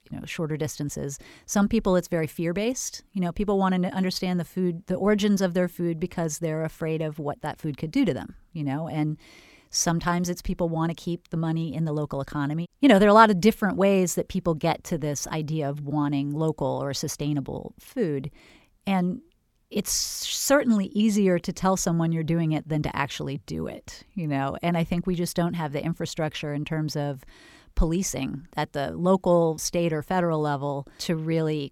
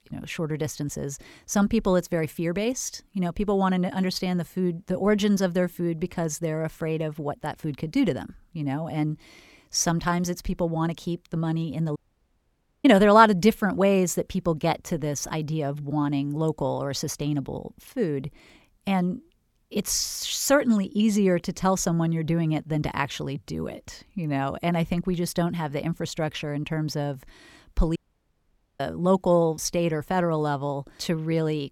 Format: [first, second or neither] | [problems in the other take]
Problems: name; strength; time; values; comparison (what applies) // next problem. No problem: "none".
first | audio cutting out; at 12 s for 1 s and at 28 s for 1 s